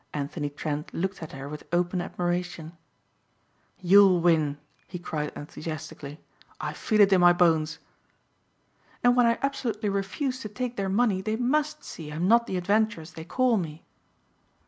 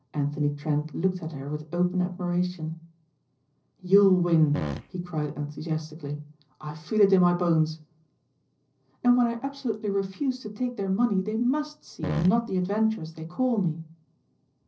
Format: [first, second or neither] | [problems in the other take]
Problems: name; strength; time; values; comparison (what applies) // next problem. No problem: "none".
first | noise reduction (neural separator model SepFormer DNS4)